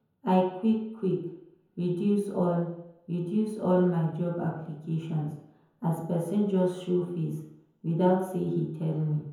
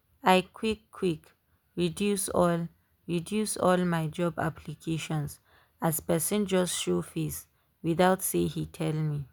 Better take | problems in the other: second | room echo; dies away in 0.9 s

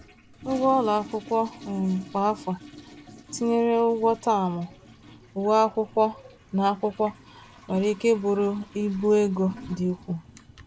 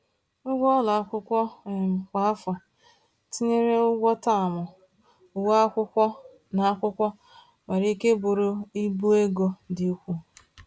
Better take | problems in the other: second | background sound (Toilet flush); 19 dB below the speech

